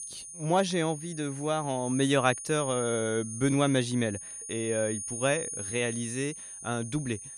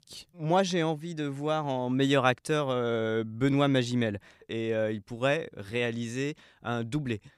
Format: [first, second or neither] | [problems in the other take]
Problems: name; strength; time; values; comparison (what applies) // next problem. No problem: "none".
second | high-pitched whine; loud; throughout; 9.5 kHz, 8 dB below the speech